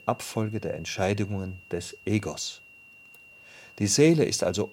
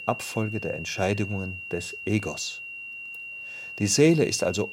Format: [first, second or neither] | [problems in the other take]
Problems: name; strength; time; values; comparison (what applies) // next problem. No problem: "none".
first | high-pitched whine; loud; throughout; 3 kHz, 10 dB below the speech; faint in the first